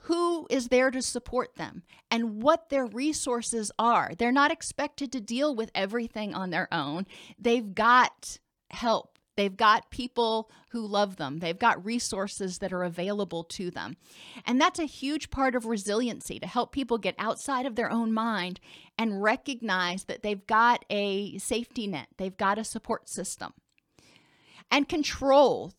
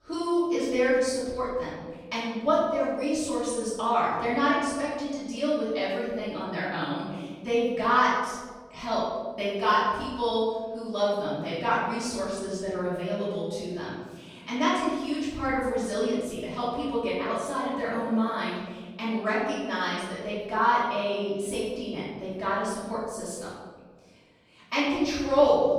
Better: first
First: none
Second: room echo; strong; dies away in 1.4 s // off-mic speech; far

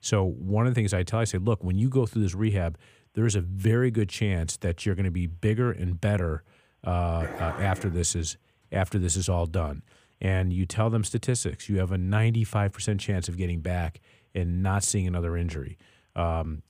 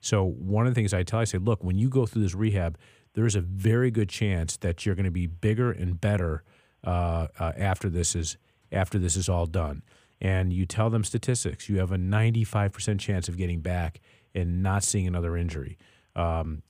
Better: second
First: dog barking; noticeable; at 7 s; peak 9 dB below the speech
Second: none

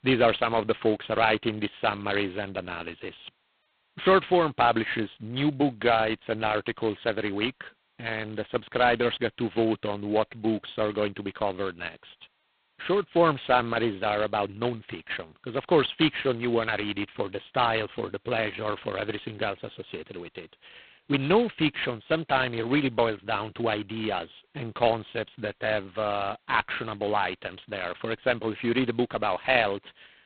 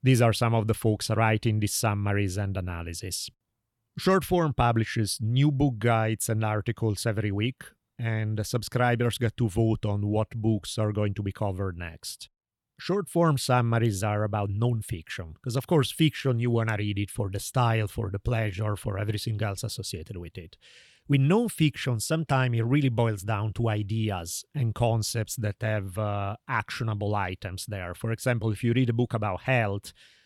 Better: second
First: phone-call audio; poor line; nothing above 4 kHz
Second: none

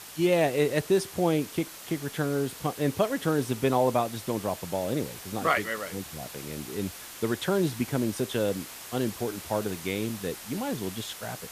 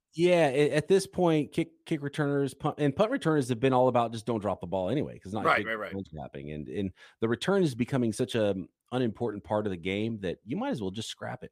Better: second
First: hiss; noticeable; throughout; 10 dB below the speech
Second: none

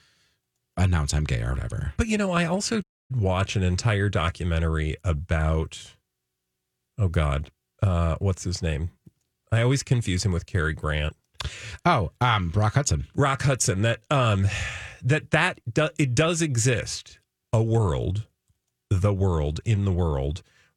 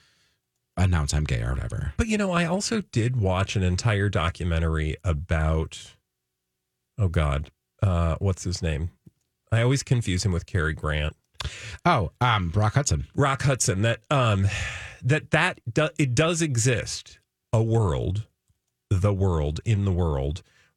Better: second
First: audio cutting out; at 3 s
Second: none

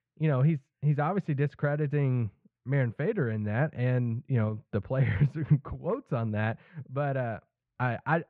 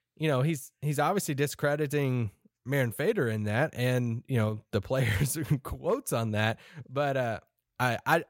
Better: second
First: muffled; very; fading above 2.5 kHz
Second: none

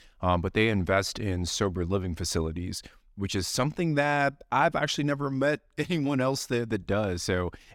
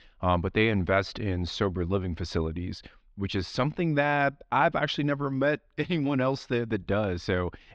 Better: first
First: none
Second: muffled; very slightly; fading above 4 kHz

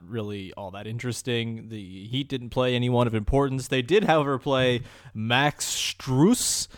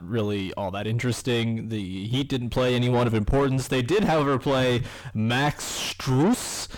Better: first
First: none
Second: distortion; heavy; 5 dB below the speech

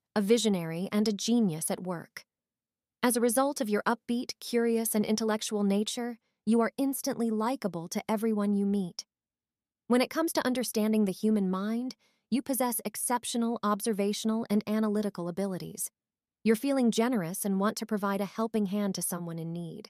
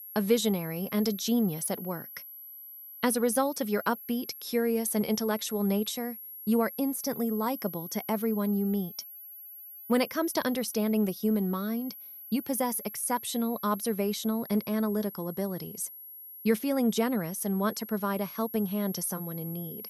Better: first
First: none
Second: high-pitched whine; noticeable; throughout; 11.5 kHz, 10 dB below the speech

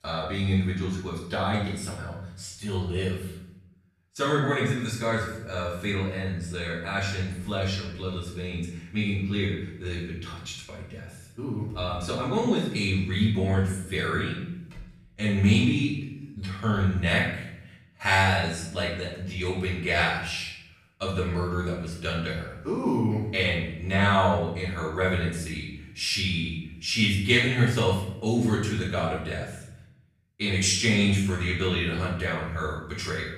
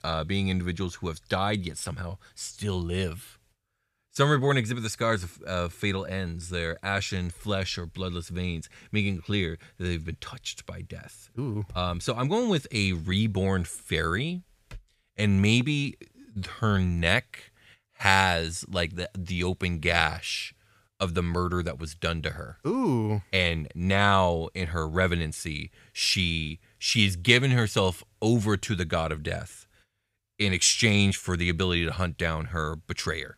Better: second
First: room echo; noticeable; dies away in 0.7 s // off-mic speech; far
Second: none

